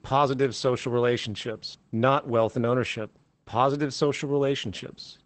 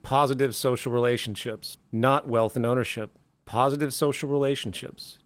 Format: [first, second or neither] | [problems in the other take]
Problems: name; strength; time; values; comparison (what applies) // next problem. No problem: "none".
second | garbled, watery; badly; nothing above 8 kHz; slightly in the second